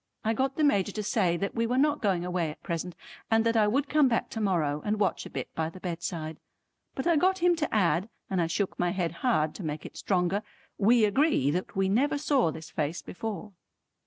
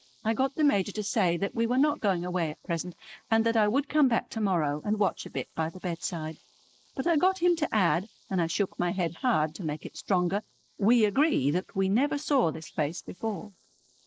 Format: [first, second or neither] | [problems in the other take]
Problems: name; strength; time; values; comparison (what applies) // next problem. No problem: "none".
first | noise reduction (neural mask model Resemble Enhance denoiser)